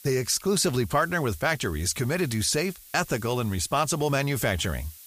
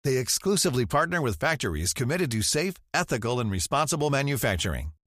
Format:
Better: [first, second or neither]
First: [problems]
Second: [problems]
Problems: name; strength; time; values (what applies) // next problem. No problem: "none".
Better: second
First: hiss; faint; throughout; 20 dB below the speech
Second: none